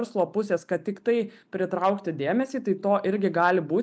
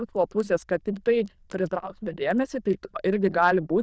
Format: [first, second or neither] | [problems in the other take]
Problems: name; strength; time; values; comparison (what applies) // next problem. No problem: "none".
first | noise reduction (neural diffusion model UNIVERSE++)